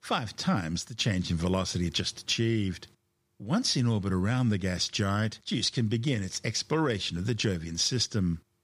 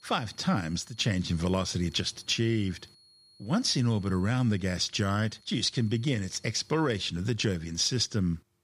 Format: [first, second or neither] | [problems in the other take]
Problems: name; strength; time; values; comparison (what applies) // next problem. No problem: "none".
first | high-pitched whine; faint; until 7 s; 4.5 kHz, 30 dB below the speech